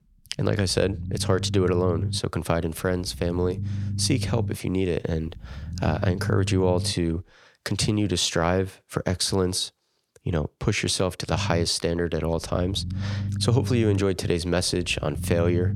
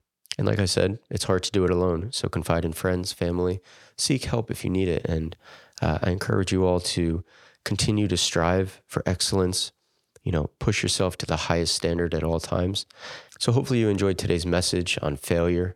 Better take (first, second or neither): second